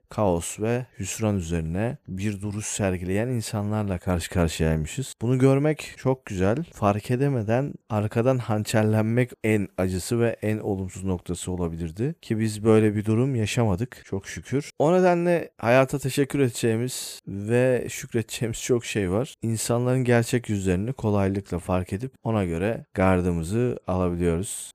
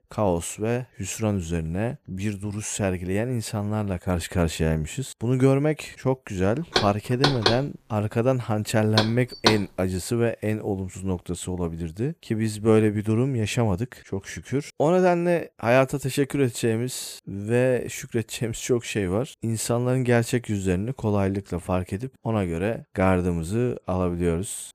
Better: first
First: none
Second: door banging; loud; from 7 to 9.5 s; peak 3 dB above the speech

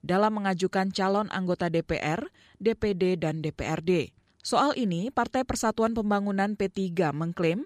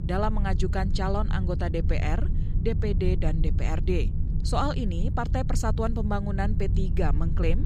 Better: first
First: none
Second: low rumble; noticeable; throughout; 10 dB below the speech

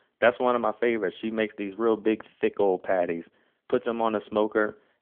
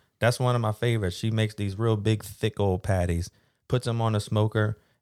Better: second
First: phone-call audio; nothing above 3.5 kHz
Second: none

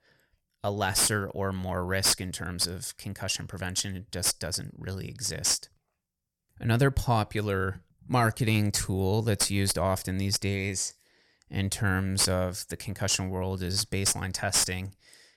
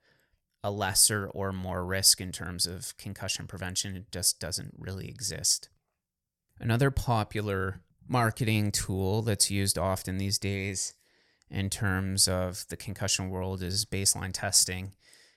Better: second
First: distortion; slight; 10 dB below the speech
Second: none

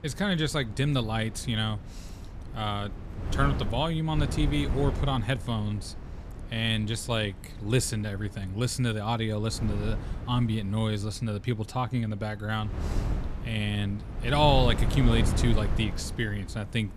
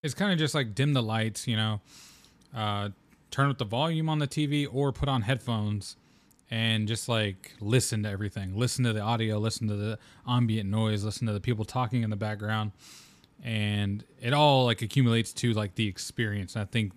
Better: second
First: wind noise on the microphone; occasional gusts; 10 dB below the speech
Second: none

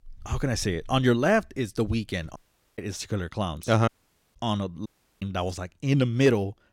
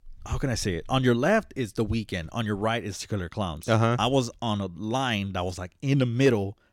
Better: second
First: audio cutting out; at 2.5 s, at 4 s and at 5 s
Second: none

